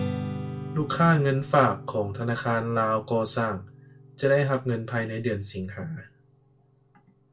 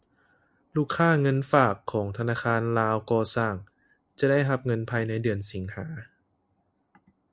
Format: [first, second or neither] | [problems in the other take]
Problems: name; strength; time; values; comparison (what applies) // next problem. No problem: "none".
second | background sound (Strum); 12 dB below the speech // room echo; dies away in 0.2 s